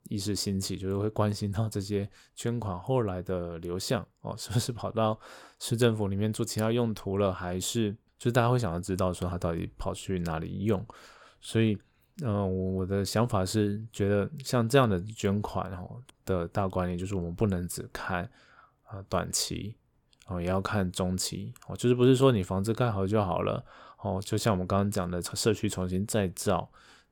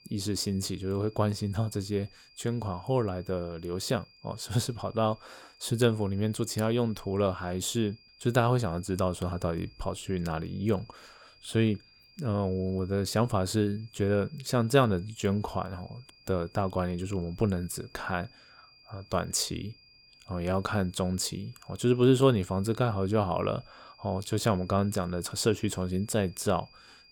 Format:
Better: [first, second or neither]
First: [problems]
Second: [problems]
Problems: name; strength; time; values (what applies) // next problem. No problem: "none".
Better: first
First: none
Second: high-pitched whine; faint; throughout; 5 kHz, 25 dB below the speech